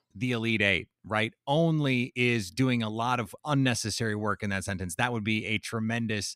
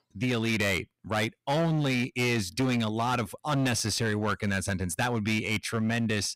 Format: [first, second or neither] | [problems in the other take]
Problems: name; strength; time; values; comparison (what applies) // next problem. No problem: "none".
first | distortion; heavy; 16% of the sound clipped